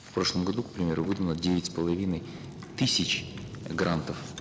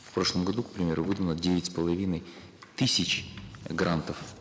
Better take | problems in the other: second | background sound (Fire); 14 dB below the speech

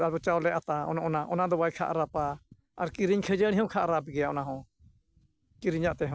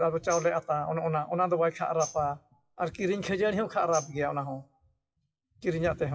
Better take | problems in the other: first | noise reduction (classical method WPE with log-MMSE)

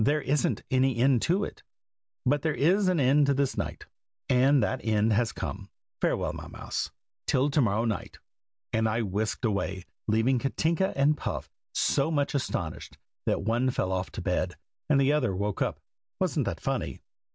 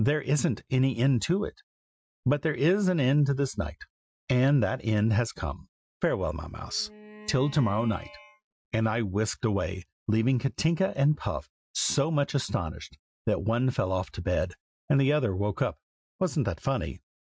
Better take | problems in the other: first | noise reduction (classical method Wiener filter)

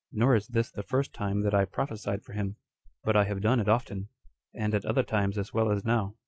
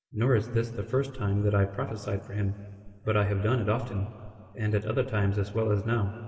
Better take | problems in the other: first | room echo; dies away in 2.4 s

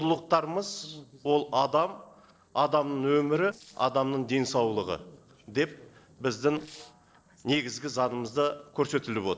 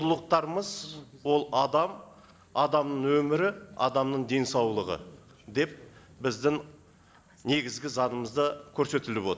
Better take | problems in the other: second | noise reduction (neural separator model SepFormer DNS4)

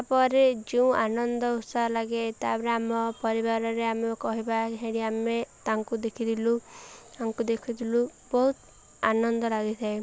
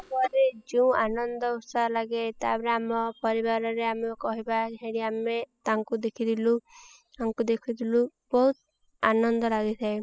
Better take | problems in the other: first | noise reduction (classical method spectral subtraction)

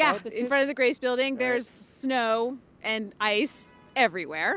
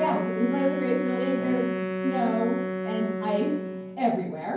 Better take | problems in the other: first | background sound (Wind instrument, woodwind instrument); 3 dB below the speech // room echo; dies away in 0.9 s

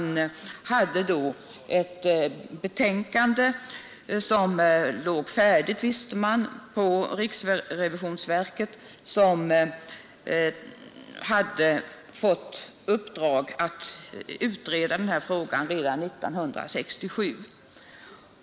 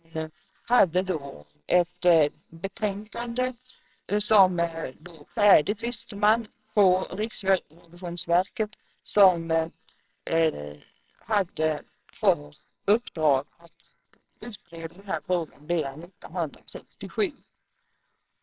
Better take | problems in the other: first | noise reduction (neural separator model SepFormer WHAMR!)

